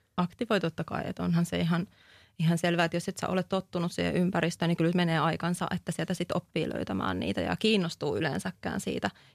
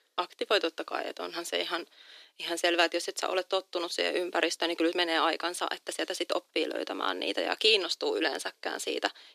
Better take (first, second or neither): first